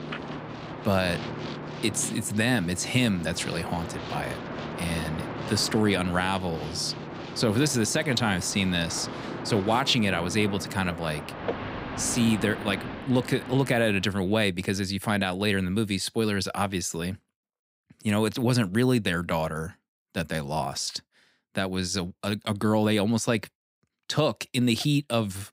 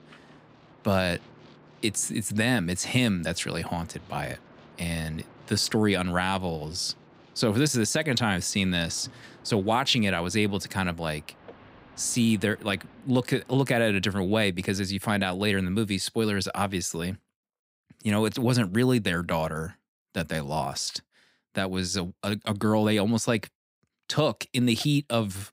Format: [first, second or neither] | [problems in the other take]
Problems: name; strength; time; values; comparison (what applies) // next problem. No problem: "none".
second | train or aircraft noise; loud; until 14 s; 10 dB below the speech; faint in the second